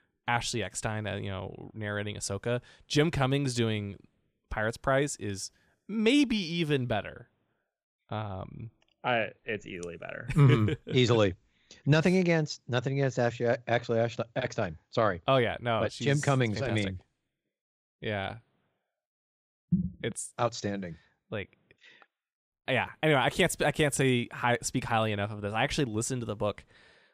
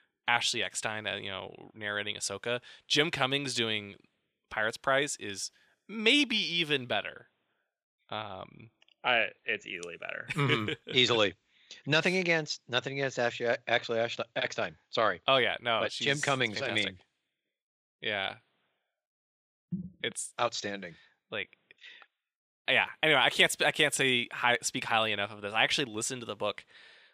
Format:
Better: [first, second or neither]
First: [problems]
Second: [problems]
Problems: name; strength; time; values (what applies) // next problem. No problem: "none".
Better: first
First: none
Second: thin; somewhat; fading below 450 Hz